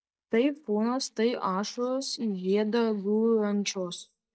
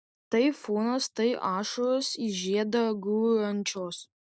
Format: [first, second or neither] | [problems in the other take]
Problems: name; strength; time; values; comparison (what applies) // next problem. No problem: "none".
second | noise reduction (neural mask model DeepFilterNet 3)